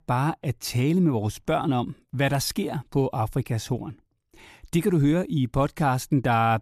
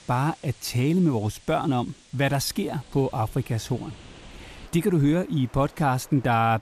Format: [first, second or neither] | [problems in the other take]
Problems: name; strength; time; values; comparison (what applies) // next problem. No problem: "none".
first | rain or running water; faint; throughout; 25 dB below the speech